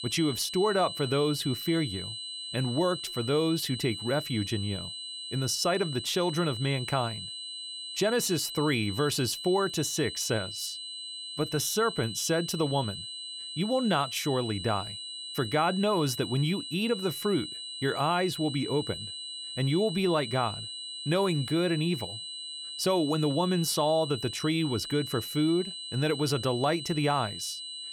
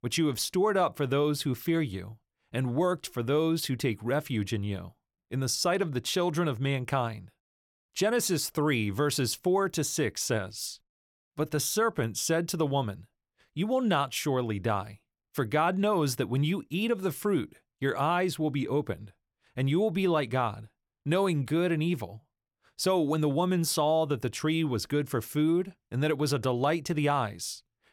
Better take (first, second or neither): second